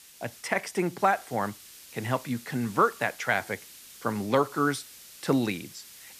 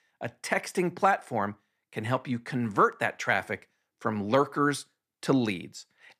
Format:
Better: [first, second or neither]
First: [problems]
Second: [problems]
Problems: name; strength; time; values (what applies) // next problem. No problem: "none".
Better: second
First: hiss; noticeable; throughout; 20 dB below the speech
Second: none